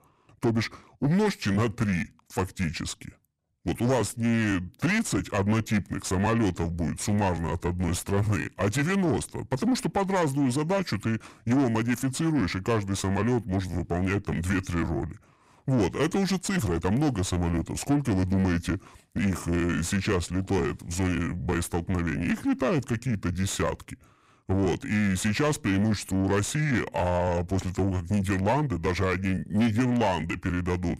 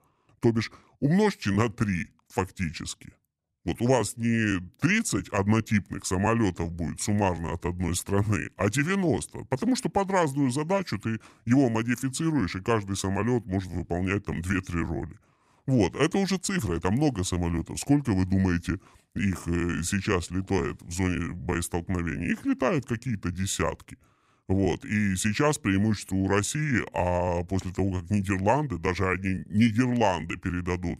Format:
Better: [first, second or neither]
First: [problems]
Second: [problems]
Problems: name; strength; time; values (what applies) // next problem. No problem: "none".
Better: second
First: distortion; slight; 10 dB below the speech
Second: none